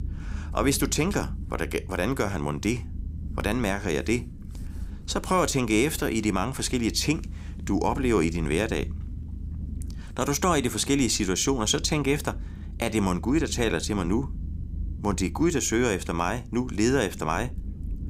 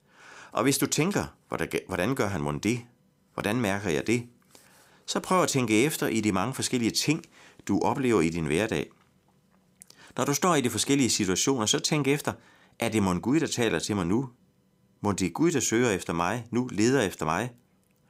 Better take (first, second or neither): second